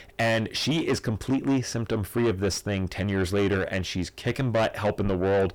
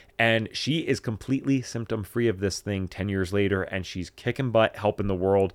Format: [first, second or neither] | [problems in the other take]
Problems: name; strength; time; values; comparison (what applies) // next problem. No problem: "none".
second | distortion; heavy; 7 dB below the speech